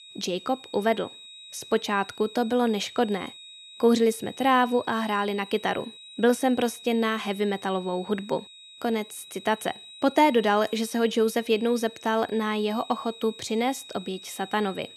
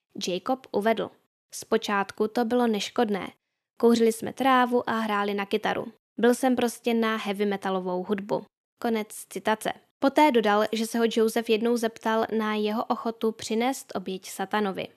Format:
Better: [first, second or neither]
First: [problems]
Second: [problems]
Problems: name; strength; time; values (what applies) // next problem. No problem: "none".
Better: second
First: high-pitched whine; noticeable; throughout; 4 kHz, 15 dB below the speech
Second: none